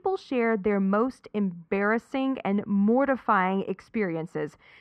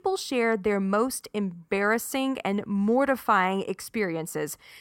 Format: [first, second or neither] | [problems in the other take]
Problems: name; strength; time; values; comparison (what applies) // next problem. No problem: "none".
second | muffled; very; fading above 2.5 kHz